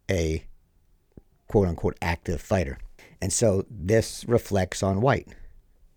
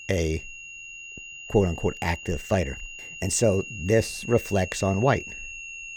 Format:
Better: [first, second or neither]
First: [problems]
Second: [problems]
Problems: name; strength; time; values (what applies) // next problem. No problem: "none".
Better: first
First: none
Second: high-pitched whine; noticeable; throughout; 3 kHz, 10 dB below the speech